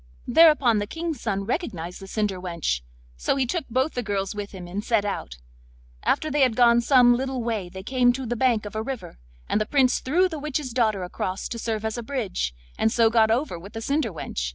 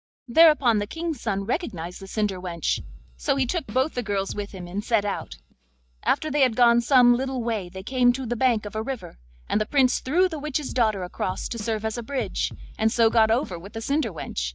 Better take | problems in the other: first | noise reduction (neural mask model DeepFilterNet 3)

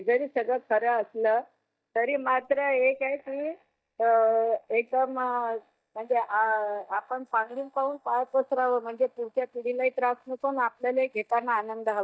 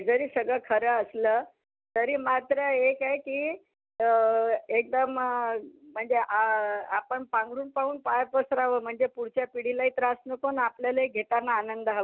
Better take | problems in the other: second | noise reduction (neural mask model DeepFilterNet 3)

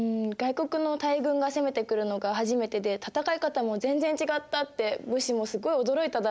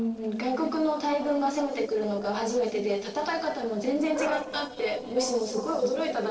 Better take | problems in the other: first | noise reduction (neural separator model SepFormer DNS4)

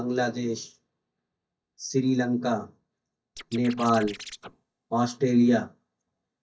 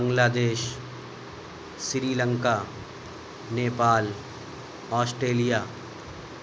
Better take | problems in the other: second | noise reduction (neural mask model DeepFilterNet 3)

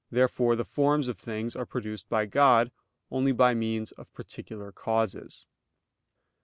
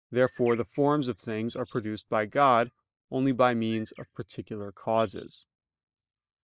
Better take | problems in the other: first | noise reduction (neural mask model DeepFilterNet 3)

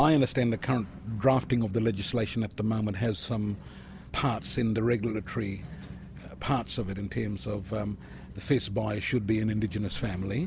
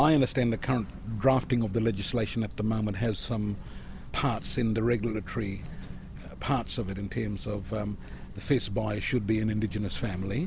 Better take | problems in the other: first | background sound (Tick); 12 dB below the speech

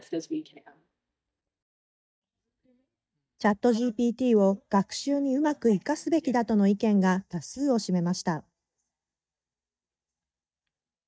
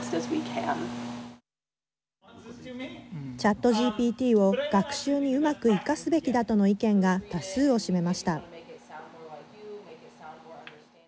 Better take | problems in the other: second | noise reduction (neural mask model DeepFilterNet 3)

